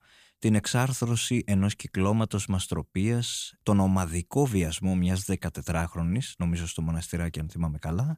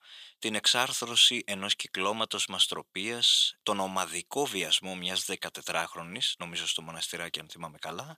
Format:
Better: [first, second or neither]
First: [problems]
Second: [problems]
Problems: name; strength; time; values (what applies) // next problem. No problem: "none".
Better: first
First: none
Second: thin; very; fading below 500 Hz